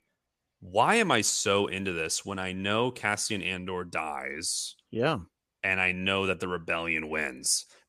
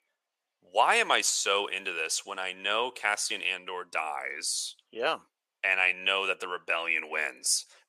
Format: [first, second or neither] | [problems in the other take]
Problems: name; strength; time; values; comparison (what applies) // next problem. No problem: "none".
first | thin; very; fading below 650 Hz